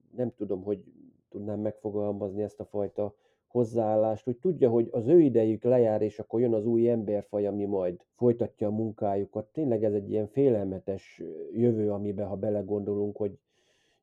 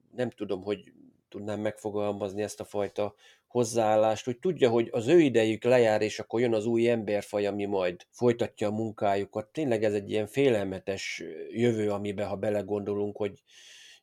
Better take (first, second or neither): second